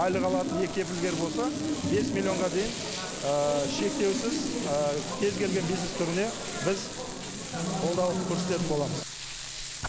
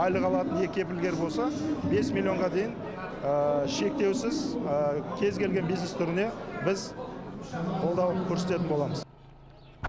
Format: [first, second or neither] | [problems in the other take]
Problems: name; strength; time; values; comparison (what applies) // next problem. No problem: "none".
second | background sound (Frying (food)); 10 dB below the speech